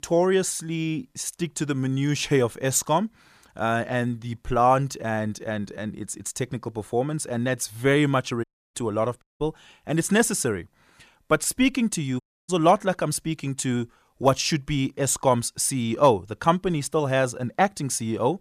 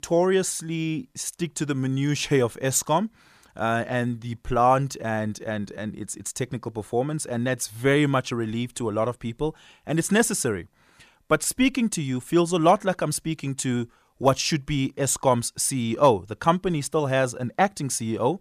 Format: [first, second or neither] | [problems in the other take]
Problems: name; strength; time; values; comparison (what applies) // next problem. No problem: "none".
second | audio cutting out; at 8.5 s, at 9 s and at 12 s